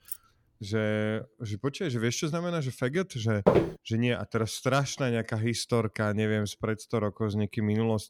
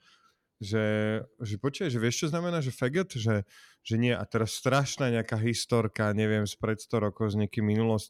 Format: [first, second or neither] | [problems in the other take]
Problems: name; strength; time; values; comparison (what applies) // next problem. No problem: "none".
second | jangling keys; faint; at the start; peak 10 dB below the speech // footsteps; loud; at 3.5 s; peak 5 dB above the speech